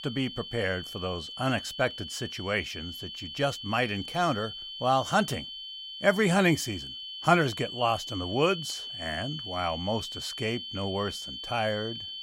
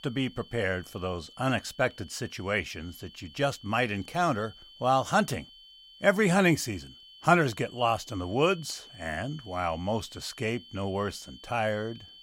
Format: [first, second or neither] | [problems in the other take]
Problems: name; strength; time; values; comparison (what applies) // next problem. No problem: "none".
second | high-pitched whine; loud; throughout; 3 kHz, 8 dB below the speech; faint in the second